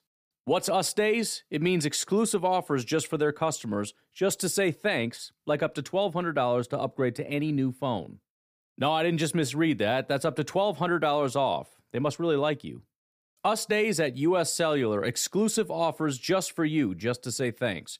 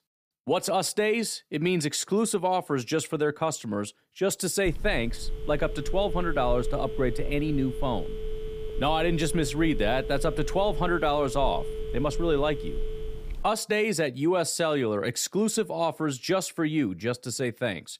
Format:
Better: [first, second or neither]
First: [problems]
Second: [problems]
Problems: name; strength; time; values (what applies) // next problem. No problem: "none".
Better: first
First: none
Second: phone ringing; noticeable; from 4.5 to 13 s; peak 7 dB below the speech